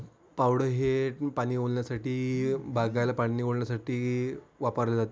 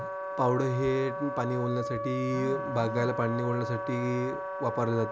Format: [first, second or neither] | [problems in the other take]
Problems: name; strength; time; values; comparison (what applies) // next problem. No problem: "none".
first | background sound (Wind instrument, woodwind instrument); 5 dB below the speech